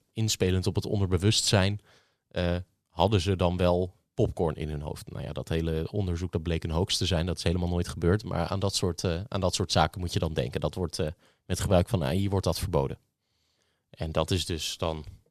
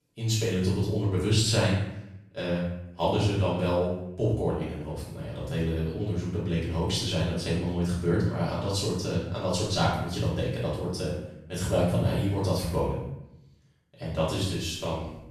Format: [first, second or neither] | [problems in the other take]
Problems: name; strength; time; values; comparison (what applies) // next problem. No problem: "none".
first | off-mic speech; far // room echo; noticeable; dies away in 0.7 s